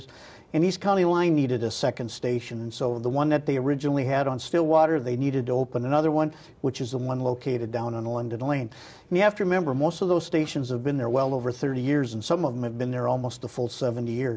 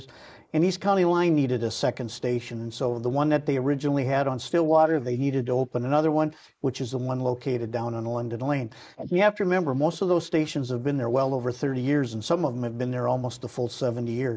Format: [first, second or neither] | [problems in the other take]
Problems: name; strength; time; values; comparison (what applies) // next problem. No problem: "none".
first | noise reduction (neural mask model Resemble Enhance denoiser)